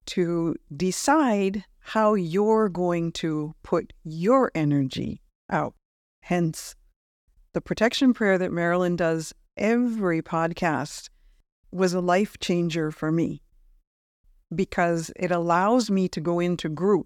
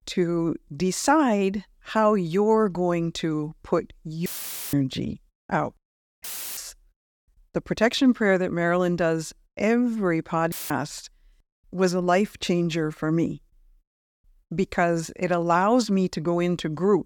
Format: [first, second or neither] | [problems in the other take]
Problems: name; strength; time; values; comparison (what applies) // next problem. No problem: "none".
first | audio cutting out; filled with static; at 4.5 s, at 6 s and at 11 s